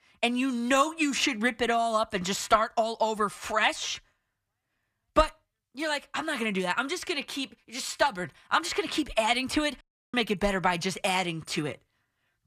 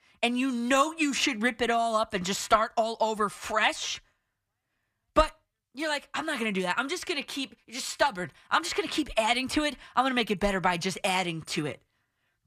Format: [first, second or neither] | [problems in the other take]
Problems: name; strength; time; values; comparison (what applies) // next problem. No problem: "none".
second | audio cutting out; at 10 s